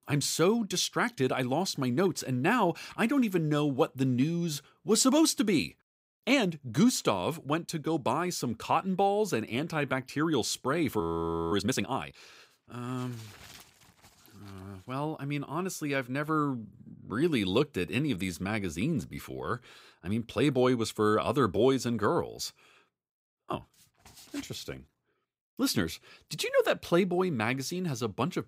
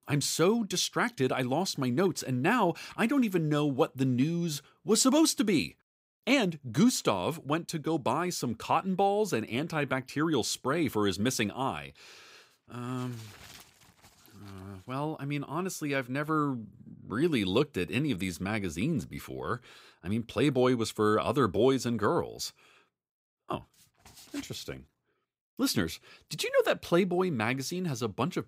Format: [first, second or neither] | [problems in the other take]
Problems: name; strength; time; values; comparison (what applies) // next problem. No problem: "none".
second | audio freezing; at 11 s for 0.5 s